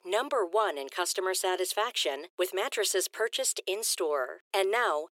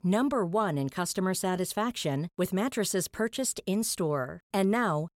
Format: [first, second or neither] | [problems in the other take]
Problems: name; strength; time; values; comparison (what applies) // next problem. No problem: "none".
second | thin; very; fading below 350 Hz